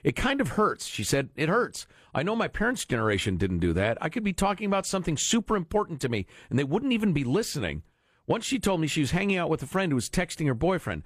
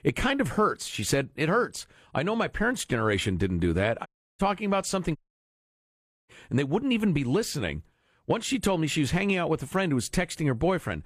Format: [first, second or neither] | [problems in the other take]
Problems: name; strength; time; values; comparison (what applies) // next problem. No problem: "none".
first | audio cutting out; at 4 s and at 5 s for 1 s